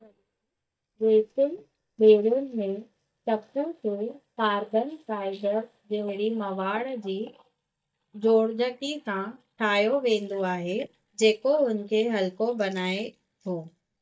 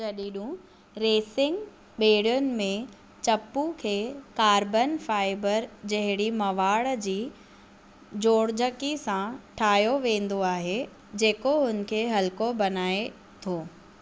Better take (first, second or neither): second